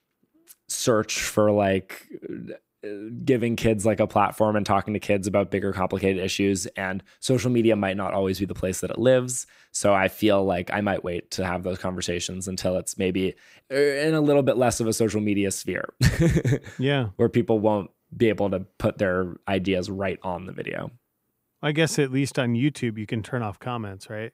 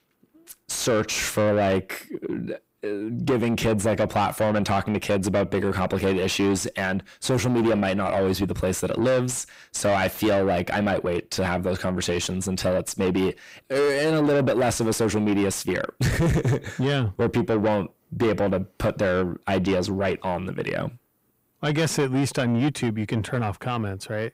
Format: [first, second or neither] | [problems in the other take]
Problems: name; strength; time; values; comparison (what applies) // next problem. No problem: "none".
first | distortion; heavy; 7 dB below the speech